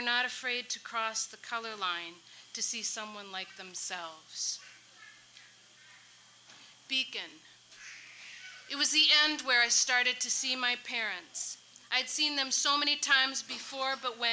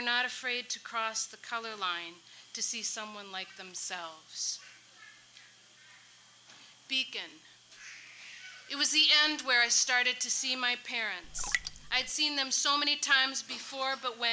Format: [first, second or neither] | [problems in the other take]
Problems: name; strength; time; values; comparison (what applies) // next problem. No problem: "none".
first | background sound (Raindrop); 5 dB below the speech